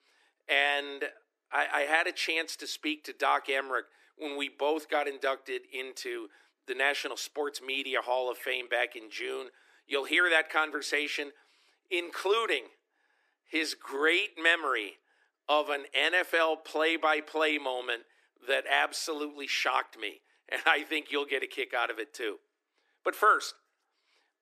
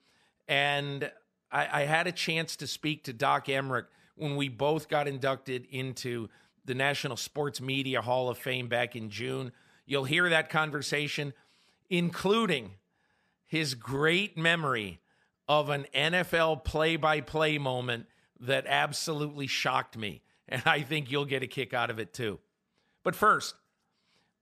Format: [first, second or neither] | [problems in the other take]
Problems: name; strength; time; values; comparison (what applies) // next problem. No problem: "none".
second | thin; somewhat; fading below 300 Hz